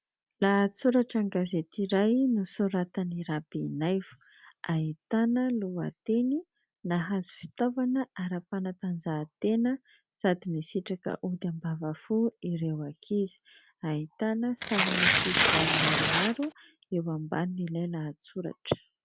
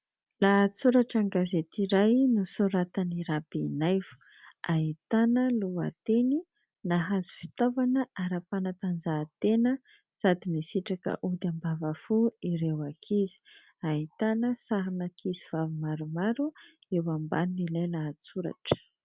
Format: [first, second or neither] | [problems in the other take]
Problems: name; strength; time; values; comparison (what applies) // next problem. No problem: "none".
second | background sound (Tearing); 4 dB above the speech